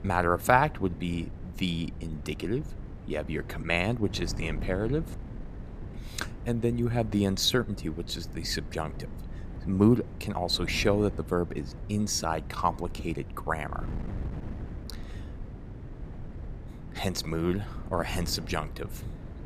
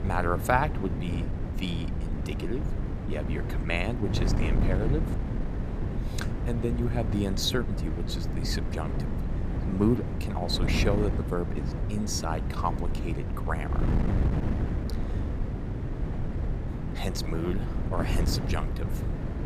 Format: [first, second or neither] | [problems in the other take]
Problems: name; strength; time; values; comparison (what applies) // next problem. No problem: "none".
first | wind noise on the microphone; heavy; 7 dB below the speech; occasional gusts in the first